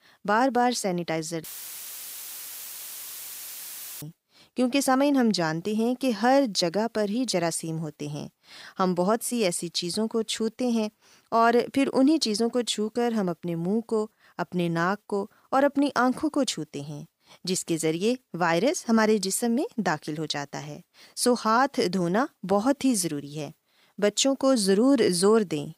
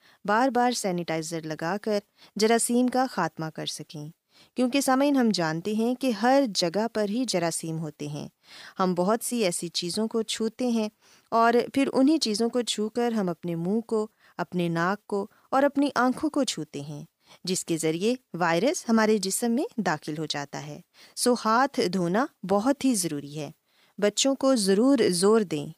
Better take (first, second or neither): second